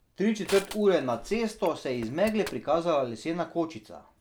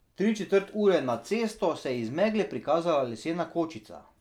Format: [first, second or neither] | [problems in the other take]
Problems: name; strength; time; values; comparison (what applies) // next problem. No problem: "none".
second | background sound (Crushing); 16 dB below the speech